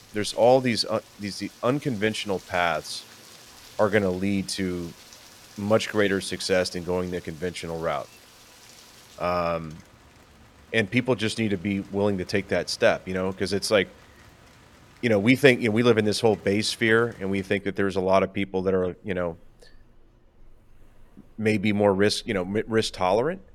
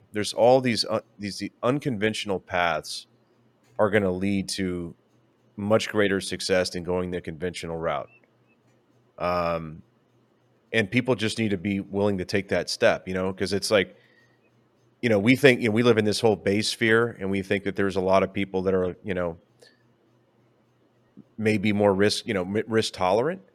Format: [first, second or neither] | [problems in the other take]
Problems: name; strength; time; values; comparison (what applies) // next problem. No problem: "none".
second | rain or running water; faint; throughout; 25 dB below the speech